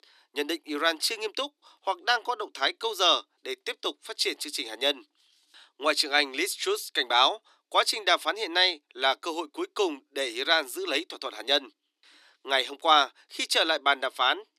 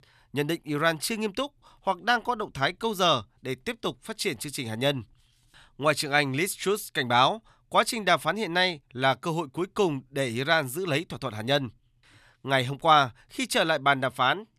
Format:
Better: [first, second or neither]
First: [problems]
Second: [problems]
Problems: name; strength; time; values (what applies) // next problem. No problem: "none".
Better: second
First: thin; somewhat; fading below 300 Hz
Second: none